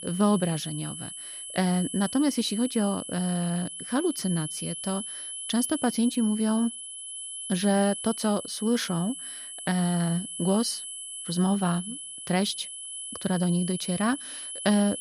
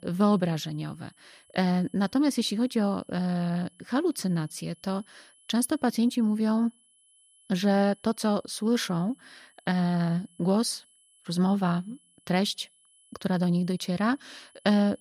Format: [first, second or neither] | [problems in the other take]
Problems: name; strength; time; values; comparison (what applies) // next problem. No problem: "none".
second | high-pitched whine; loud; throughout; 11 kHz, 8 dB below the speech; faint in the second